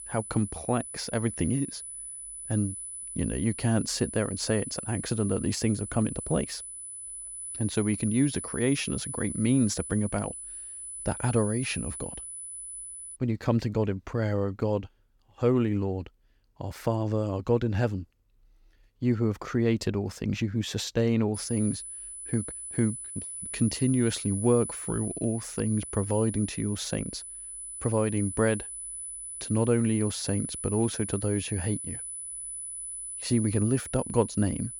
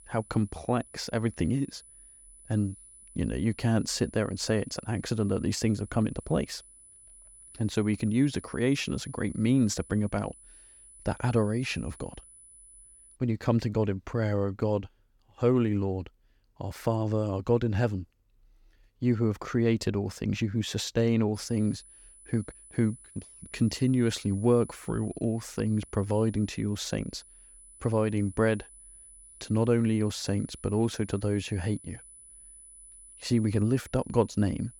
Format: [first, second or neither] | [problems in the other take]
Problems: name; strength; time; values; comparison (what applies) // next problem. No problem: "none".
second | high-pitched whine; loud; until 13 s and from 21 s on; 10 kHz, 7 dB below the speech; faint in the second